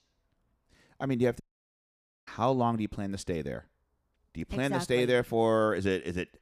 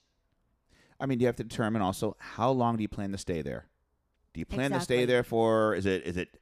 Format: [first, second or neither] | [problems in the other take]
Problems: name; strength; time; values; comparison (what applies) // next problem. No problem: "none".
second | audio cutting out; at 1.5 s for 1 s